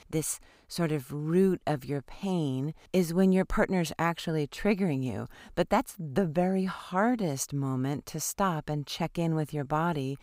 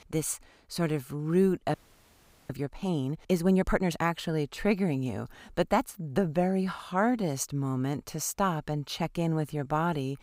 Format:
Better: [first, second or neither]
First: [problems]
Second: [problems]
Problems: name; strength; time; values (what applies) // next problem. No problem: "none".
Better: first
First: none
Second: audio freezing; at 1.5 s for 1 s